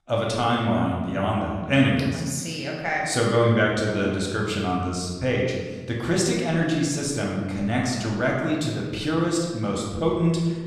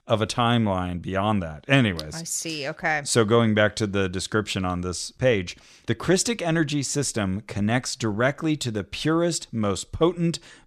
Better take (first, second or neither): second